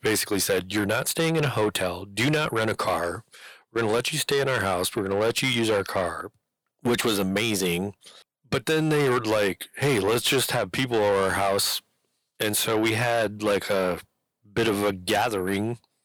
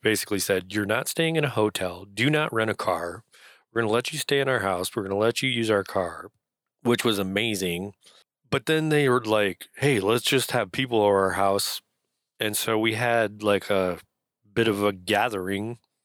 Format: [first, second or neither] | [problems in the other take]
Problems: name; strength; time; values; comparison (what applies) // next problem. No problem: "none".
second | distortion; heavy; 8 dB below the speech